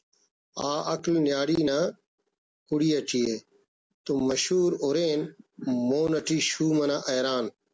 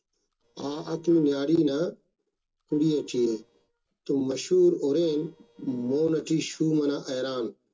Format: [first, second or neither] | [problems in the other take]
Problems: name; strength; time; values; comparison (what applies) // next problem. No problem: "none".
first | noise reduction (neural separator model SepFormer DNS4)